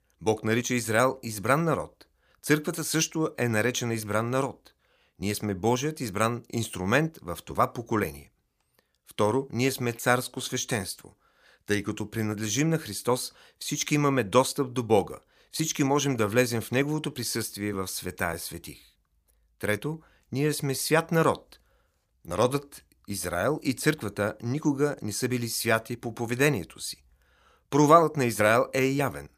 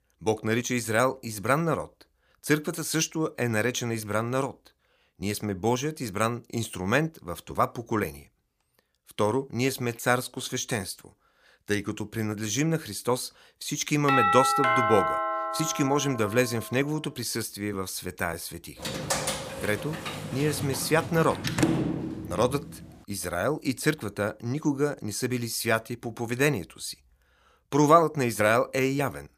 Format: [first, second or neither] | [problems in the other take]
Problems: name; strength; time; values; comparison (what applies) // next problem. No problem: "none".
first | doorbell; loud; from 14 to 16 s; peak 6 dB above the speech // door banging; loud; from 19 to 23 s; peak 2 dB above the speech